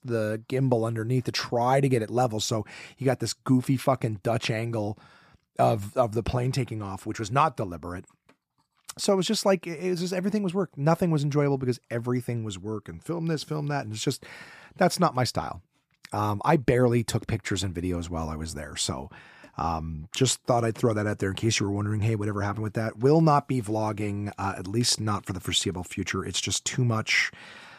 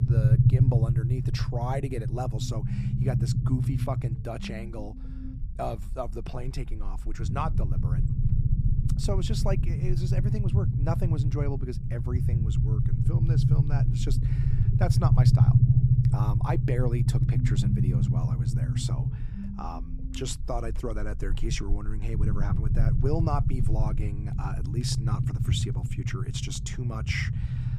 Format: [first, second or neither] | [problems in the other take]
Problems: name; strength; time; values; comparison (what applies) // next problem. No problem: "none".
first | low rumble; loud; throughout; 1 dB below the speech